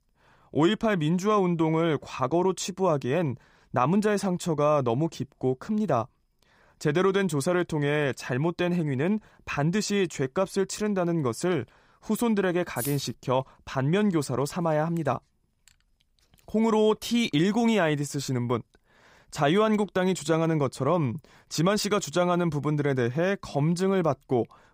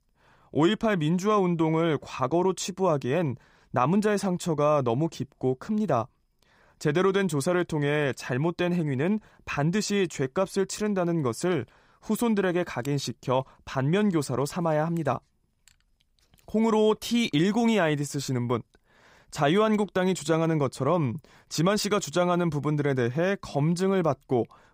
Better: second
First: jangling keys; noticeable; at 13 s; peak 9 dB below the speech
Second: none

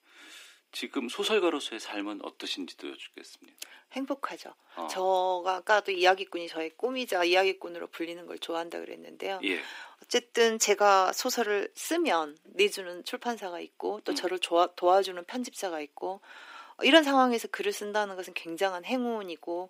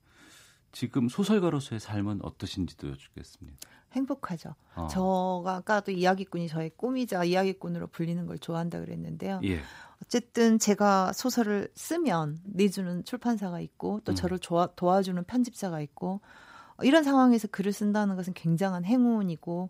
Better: second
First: thin; somewhat; fading below 300 Hz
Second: none

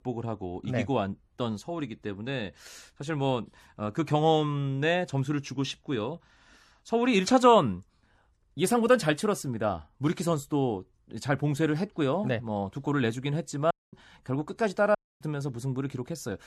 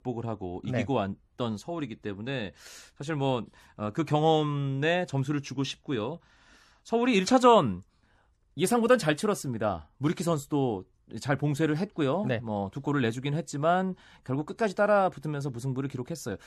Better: second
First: audio cutting out; at 14 s and at 15 s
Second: none

